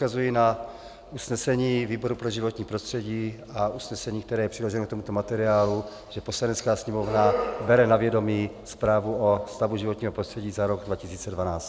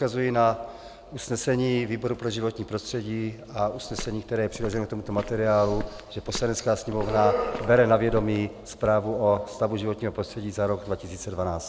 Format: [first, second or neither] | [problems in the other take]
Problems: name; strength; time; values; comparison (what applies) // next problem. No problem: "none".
first | background sound (Walk, footsteps); 12 dB below the speech